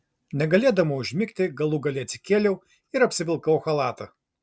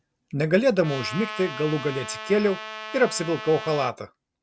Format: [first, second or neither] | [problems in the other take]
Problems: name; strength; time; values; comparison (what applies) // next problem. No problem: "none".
first | background sound (Trumpet); 11 dB below the speech